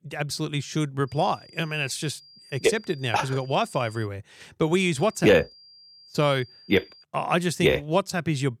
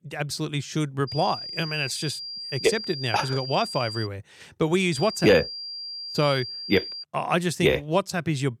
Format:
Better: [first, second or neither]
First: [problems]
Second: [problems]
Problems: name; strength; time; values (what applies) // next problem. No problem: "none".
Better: first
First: high-pitched whine; faint; from 1 to 4 s and from 5 to 7 s; 5 kHz, 25 dB below the speech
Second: high-pitched whine; loud; from 1 to 4 s and from 5 to 7 s; 5 kHz, 8 dB below the speech